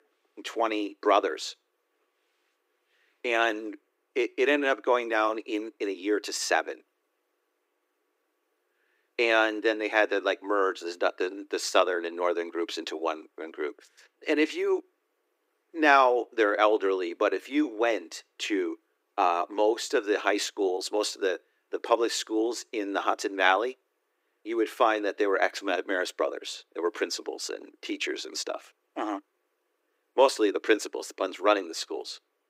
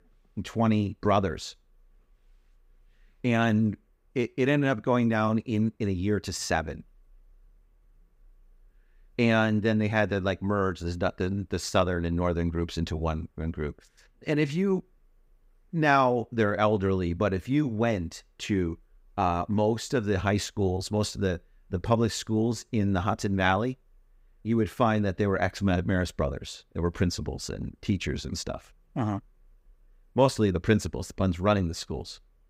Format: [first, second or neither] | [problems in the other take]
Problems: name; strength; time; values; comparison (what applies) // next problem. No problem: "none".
second | thin; very; fading below 300 Hz